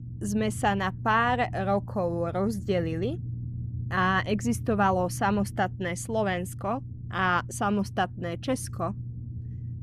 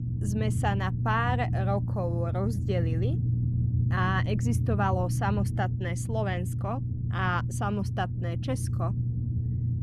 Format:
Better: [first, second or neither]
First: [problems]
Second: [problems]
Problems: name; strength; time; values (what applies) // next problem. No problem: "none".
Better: first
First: low rumble; faint; throughout; 20 dB below the speech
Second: low rumble; loud; throughout; 10 dB below the speech